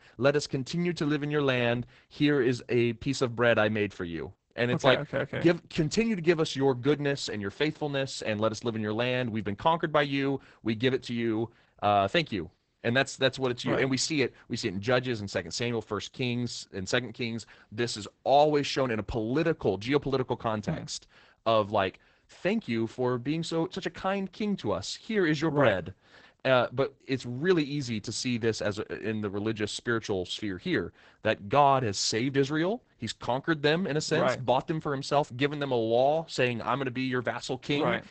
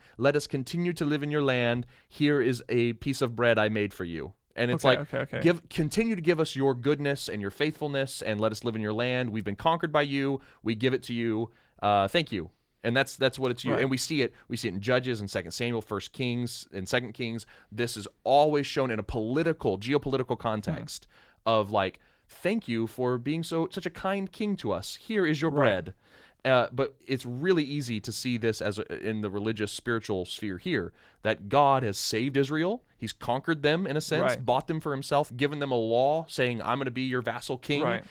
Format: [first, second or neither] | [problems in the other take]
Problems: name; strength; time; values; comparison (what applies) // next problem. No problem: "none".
second | garbled, watery; badly; nothing above 8 kHz; slightly in the second